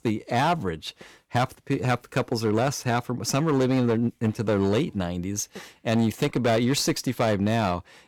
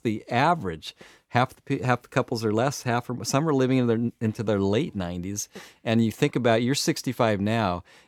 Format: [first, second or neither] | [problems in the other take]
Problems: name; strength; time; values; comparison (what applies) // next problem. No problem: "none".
second | distortion; slight; 11% of the sound clipped